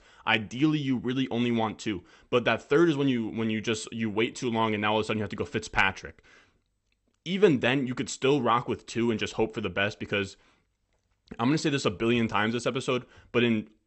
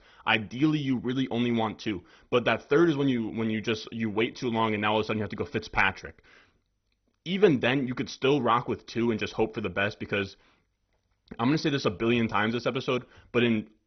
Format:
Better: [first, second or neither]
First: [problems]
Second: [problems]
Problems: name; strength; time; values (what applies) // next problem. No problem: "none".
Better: first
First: garbled, watery; slightly; nothing above 8 kHz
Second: garbled, watery; badly; nothing above 6 kHz